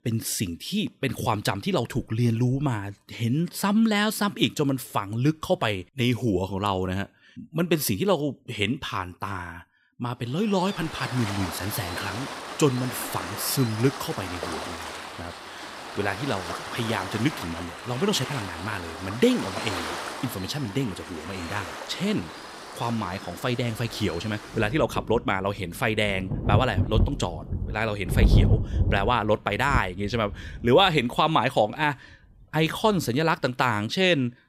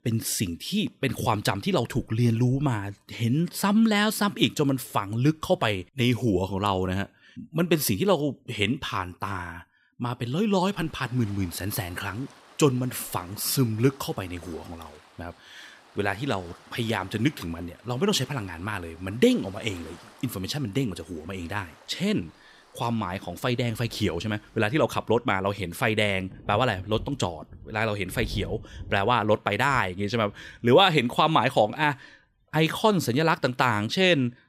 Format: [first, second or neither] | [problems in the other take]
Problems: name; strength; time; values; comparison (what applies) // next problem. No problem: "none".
second | rain or running water; loud; from 11 s on; 6 dB below the speech; faint in the second